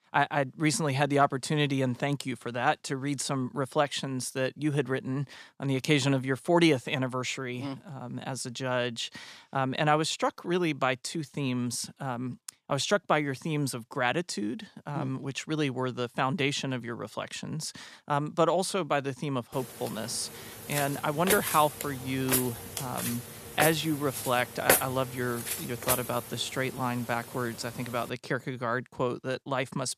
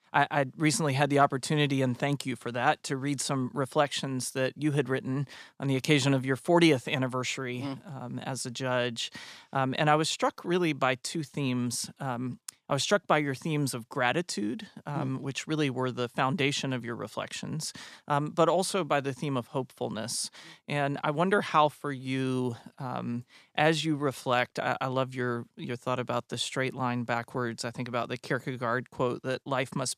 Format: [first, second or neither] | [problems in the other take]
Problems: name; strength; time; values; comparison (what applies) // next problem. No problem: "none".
second | footsteps; loud; from 21 to 26 s; peak 6 dB above the speech